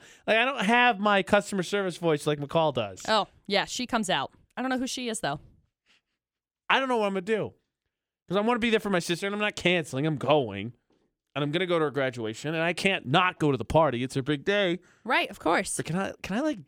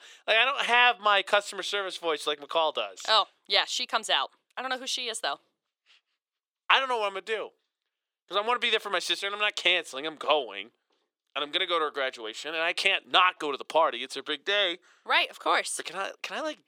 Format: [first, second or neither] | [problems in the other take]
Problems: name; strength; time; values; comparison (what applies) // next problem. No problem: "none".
first | thin; very; fading below 450 Hz